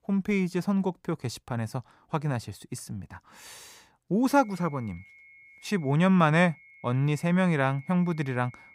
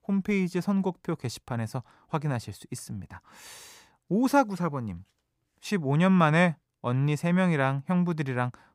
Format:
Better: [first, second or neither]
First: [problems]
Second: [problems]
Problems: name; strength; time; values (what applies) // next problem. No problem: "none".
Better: second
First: high-pitched whine; faint; from 4.5 s on; 2 kHz, 25 dB below the speech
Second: none